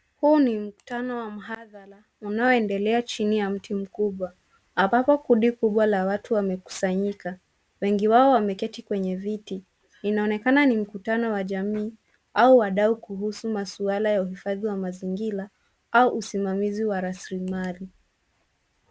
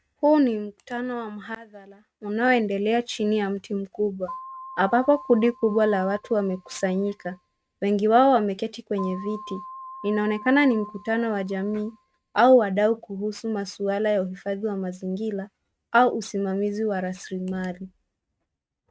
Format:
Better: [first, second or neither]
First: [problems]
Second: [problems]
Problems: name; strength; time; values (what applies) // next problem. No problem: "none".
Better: first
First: none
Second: noise reduction (neural mask model RNNoise)